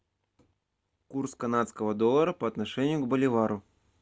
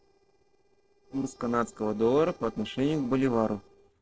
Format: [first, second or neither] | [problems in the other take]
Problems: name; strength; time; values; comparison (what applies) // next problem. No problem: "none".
first | noise reduction (neural separator model SepFormer DNS4)